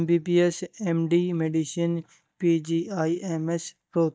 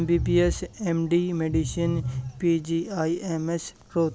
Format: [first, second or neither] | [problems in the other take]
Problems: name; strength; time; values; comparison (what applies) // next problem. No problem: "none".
second | noise reduction (neural mask model DeepFilterNet 3)